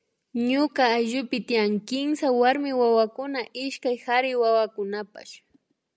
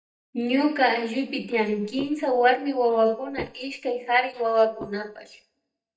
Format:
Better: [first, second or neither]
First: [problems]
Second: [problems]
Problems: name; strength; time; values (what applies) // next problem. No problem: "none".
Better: first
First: none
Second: noise reduction (neural mask model DeepFilterNet 3)